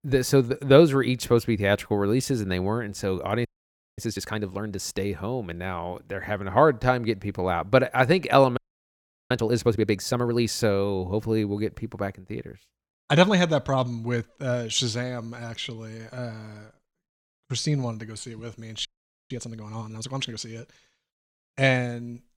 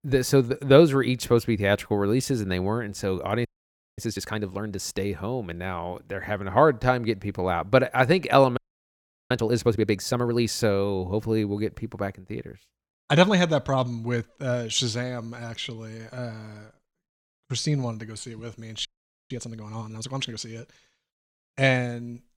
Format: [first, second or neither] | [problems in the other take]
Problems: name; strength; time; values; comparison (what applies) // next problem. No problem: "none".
neither | audio freezing; at 3.5 s for 0.5 s, at 8.5 s for 0.5 s and at 19 s; the same in both